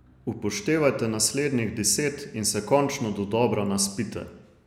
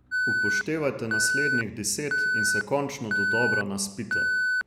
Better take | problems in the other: first | background sound (Alarm); 3 dB above the speech

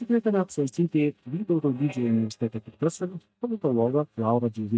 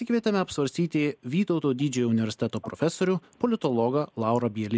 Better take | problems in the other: second | noise reduction (neural mask model DeepFilterNet 3)

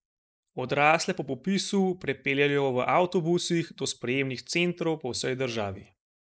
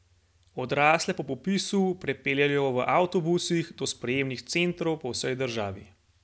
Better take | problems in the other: second | noise reduction (neural mask model Resemble Enhance denoiser)

